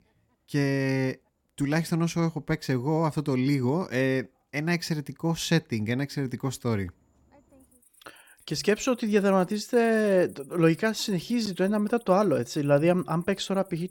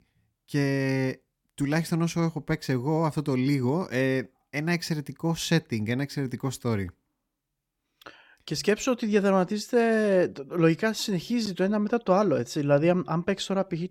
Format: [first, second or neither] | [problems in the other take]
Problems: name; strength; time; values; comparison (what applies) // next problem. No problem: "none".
second | animal sounds; faint; throughout; 25 dB below the speech